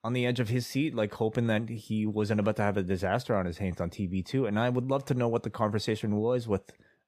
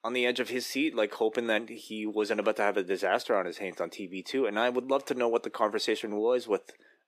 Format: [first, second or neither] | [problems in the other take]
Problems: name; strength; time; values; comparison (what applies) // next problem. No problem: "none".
first | thin; somewhat; fading below 300 Hz